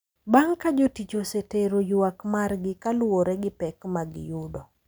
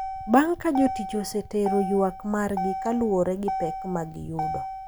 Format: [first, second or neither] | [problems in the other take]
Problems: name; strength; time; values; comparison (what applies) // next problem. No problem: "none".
first | background sound (Motor vehicle (road)); 7 dB below the speech